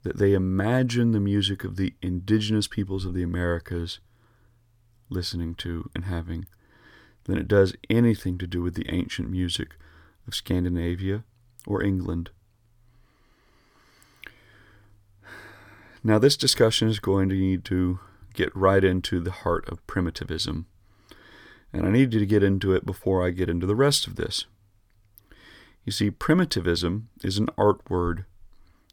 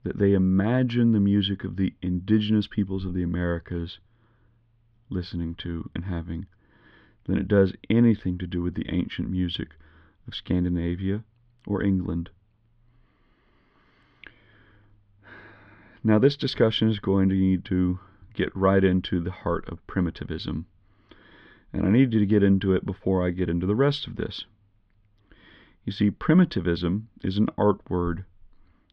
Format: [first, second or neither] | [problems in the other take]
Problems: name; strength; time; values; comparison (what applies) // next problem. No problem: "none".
first | muffled; slightly; fading above 3.5 kHz